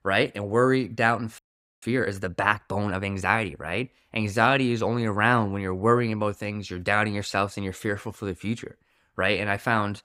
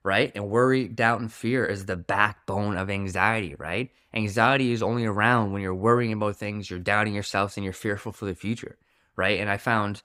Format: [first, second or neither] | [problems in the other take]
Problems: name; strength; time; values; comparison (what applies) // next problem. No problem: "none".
second | audio freezing; at 1.5 s